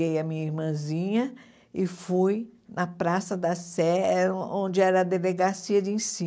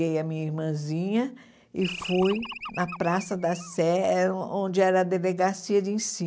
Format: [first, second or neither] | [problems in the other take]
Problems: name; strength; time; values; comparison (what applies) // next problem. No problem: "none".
first | background sound (Animal); 12 dB below the speech